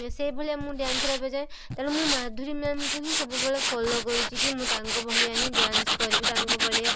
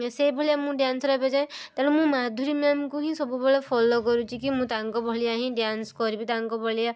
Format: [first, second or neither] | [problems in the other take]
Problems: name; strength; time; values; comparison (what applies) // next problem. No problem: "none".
second | background sound (Tools); 3 dB above the speech